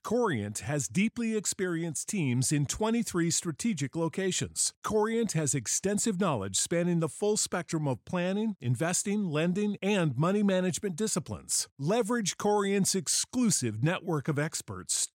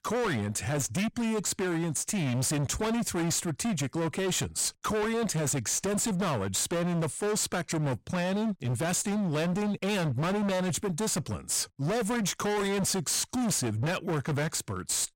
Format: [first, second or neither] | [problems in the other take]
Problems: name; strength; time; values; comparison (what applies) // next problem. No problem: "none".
first | distortion; heavy; 38% of the sound clipped